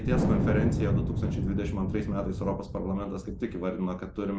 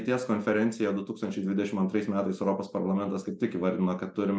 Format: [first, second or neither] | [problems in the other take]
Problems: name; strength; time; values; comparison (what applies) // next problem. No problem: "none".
second | background sound (Wind); 2 dB above the speech